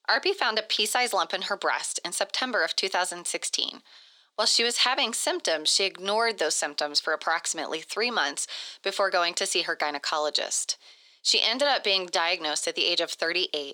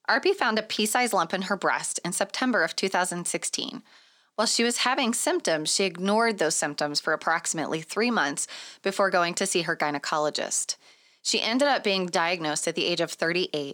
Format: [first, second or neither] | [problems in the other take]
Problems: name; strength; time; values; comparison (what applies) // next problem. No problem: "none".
second | thin; somewhat; fading below 450 Hz